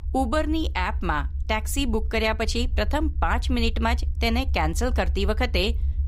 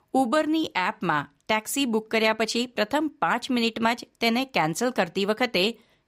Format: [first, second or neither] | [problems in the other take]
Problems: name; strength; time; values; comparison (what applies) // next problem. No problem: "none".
second | low rumble; faint; throughout; 20 dB below the speech